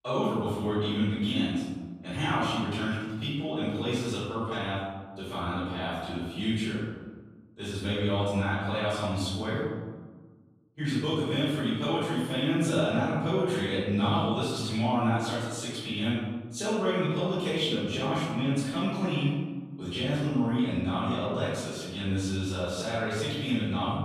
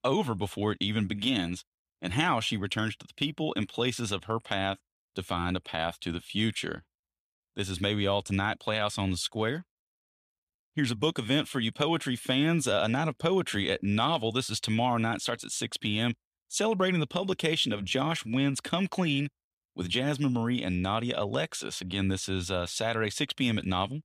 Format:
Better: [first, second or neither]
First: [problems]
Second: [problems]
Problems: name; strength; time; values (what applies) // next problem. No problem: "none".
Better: second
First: off-mic speech; far // room echo; strong; dies away in 1.3 s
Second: none